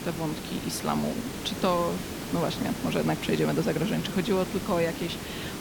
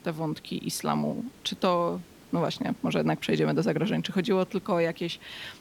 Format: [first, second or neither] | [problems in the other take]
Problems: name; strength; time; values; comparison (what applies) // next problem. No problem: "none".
second | hiss; loud; throughout; 6 dB below the speech; faint in the second